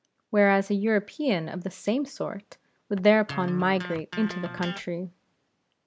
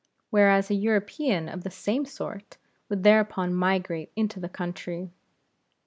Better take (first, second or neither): second